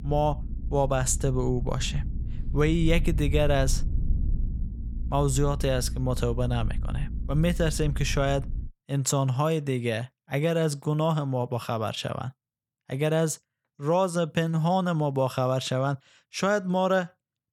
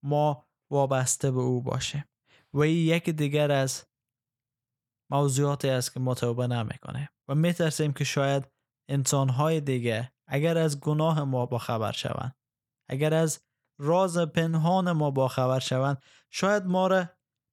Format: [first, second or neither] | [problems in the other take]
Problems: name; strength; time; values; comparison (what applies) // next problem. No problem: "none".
second | low rumble; faint; until 8.5 s; 20 dB below the speech